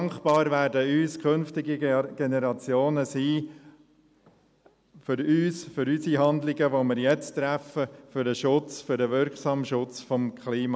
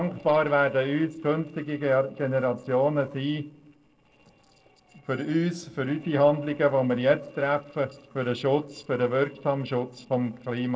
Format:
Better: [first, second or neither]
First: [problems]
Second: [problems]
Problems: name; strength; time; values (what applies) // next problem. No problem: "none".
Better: first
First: none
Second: noise reduction (neural separator model SepFormer DNS4)